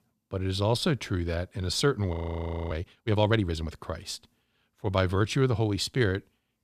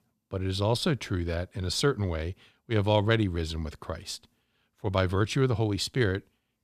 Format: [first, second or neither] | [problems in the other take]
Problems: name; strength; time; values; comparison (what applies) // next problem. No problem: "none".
second | audio freezing; at 2 s for 0.5 s